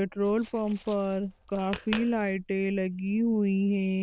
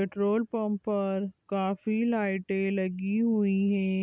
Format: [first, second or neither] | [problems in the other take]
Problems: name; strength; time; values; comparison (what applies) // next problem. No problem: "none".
second | noise reduction (neural diffusion model UNIVERSE++)